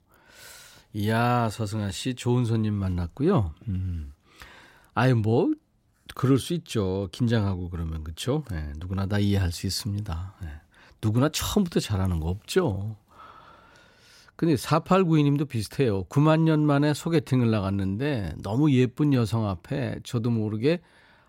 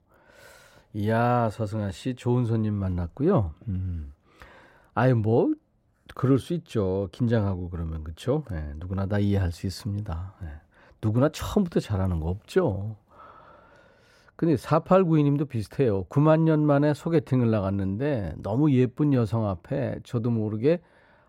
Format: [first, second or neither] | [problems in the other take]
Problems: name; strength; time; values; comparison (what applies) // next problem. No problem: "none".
first | muffled; slightly; fading above 2.5 kHz